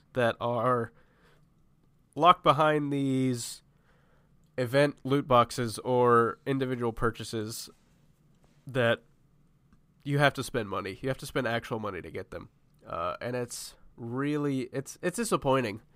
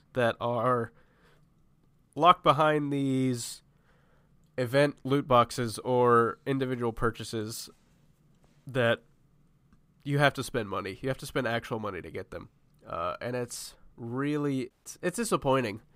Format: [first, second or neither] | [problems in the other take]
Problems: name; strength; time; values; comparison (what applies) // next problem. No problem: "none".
first | audio cutting out; at 15 s